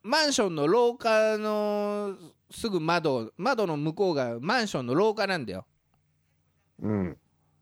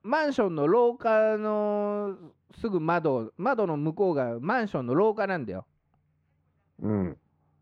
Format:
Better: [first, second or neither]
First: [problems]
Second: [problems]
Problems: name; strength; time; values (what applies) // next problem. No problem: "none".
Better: first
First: none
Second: muffled; very; fading above 3.5 kHz